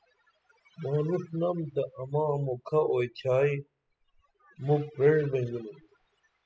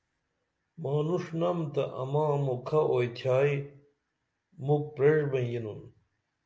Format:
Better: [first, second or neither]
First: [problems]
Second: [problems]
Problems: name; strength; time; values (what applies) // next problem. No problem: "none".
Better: second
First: noise reduction (classical method spectral subtraction)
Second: none